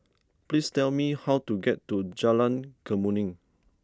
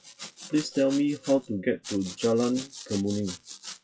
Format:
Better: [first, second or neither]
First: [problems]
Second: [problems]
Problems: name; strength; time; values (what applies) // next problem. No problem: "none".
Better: first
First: none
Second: noise reduction (classical method WPE with log-MMSE)